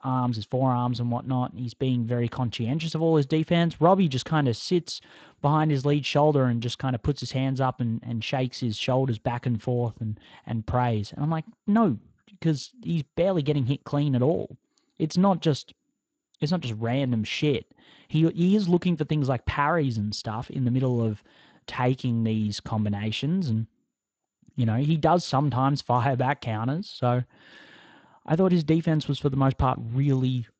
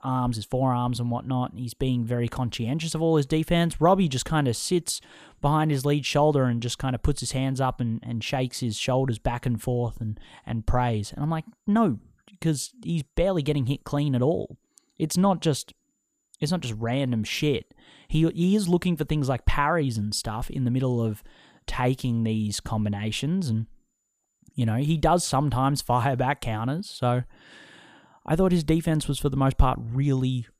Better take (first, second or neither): second